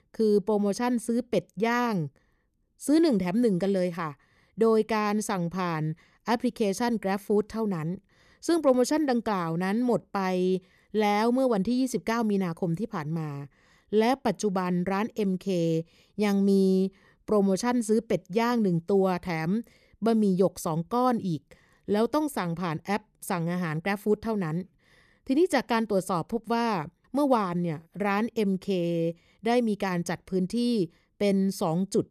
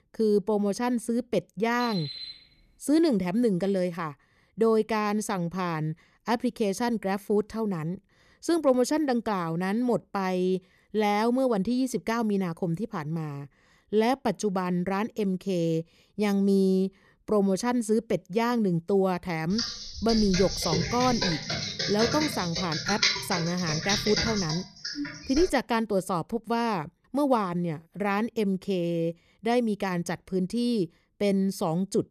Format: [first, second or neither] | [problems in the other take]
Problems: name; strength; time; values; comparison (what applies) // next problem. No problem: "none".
first | alarm; noticeable; at 2 s; peak 8 dB below the speech // keyboard typing; loud; from 20 to 26 s; peak 4 dB above the speech